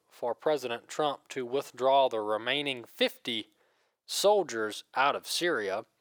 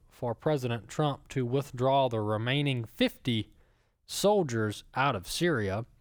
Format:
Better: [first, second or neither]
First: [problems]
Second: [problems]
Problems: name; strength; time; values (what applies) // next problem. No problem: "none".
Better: second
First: thin; somewhat; fading below 500 Hz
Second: none